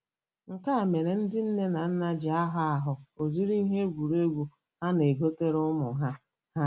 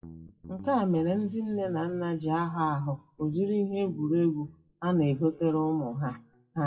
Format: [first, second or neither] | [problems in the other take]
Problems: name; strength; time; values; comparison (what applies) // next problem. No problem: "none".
first | noise reduction (classical method WPE with log-MMSE)